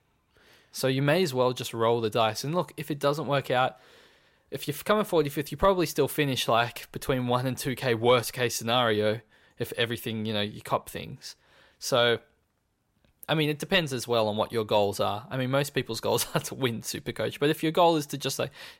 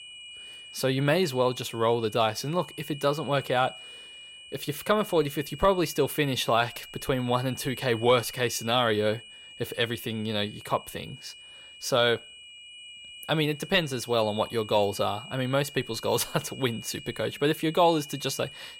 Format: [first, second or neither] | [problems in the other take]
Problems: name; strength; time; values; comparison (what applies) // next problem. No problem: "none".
first | high-pitched whine; noticeable; throughout; 3 kHz, 15 dB below the speech